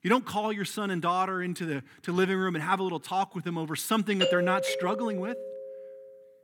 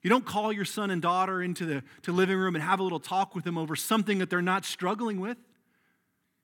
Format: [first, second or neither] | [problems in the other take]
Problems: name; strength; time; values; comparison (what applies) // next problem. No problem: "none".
second | doorbell; loud; from 4 to 5.5 s; peak 2 dB above the speech